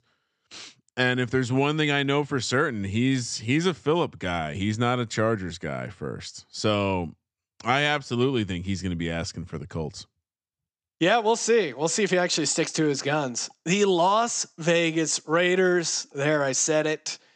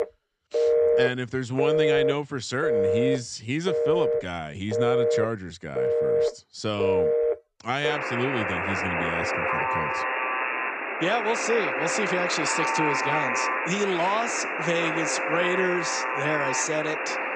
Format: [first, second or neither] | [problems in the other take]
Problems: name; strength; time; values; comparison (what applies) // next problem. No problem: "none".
first | alarms or sirens; very loud; throughout; 3 dB above the speech